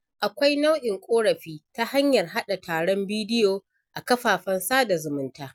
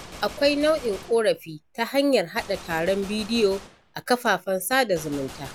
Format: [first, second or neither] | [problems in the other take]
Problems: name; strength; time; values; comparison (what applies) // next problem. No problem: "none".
first | background sound (Gunshot, gunfire); 18 dB below the speech